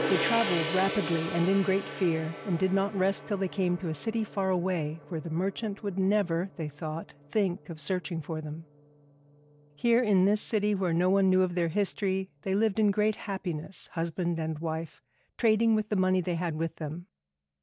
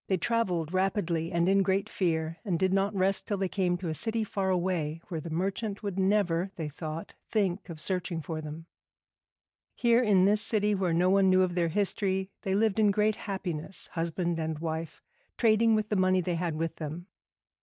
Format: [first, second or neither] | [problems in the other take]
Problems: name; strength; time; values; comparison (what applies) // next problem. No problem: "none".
second | background sound (Gong); 12 dB below the speech